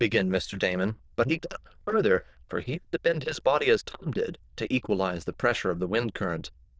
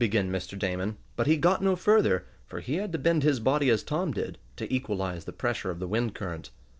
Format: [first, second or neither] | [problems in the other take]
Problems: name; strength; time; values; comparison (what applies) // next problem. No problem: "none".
second | noise reduction (neural diffusion model UNIVERSE++)